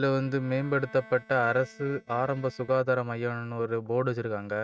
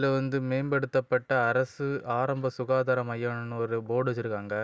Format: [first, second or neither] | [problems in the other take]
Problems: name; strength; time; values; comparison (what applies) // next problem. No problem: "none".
second | noise reduction (neural mask model RNNoise)